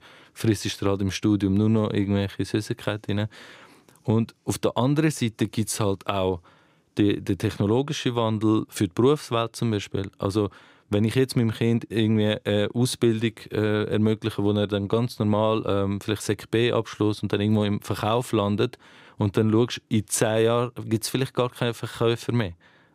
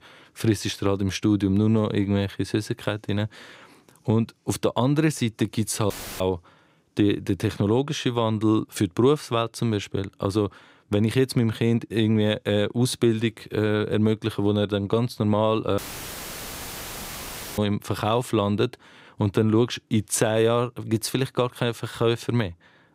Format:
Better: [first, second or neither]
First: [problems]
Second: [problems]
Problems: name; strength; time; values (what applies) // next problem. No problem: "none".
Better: first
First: none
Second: audio cutting out; filled with static; at 6 s and at 16 s for 2 s